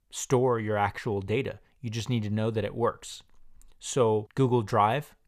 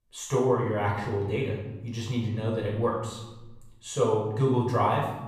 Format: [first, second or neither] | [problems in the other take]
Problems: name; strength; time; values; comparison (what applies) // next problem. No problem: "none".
first | off-mic speech; far // room echo; noticeable; dies away in 1 s